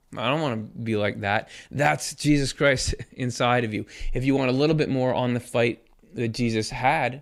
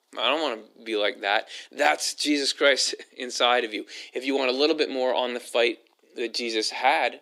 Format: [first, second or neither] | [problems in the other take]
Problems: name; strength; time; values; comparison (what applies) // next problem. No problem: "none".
first | thin; somewhat; fading below 300 Hz